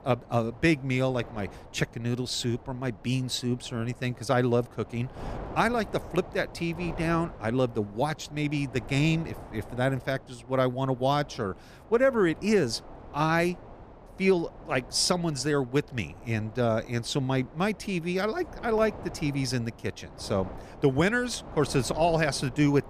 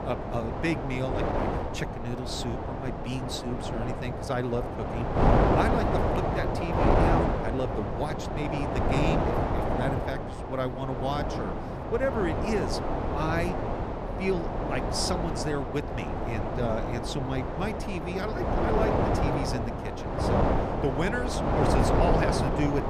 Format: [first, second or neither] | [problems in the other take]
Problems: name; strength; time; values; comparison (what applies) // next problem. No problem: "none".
first | wind noise on the microphone; heavy; 4 dB above the speech; occasional gusts in the first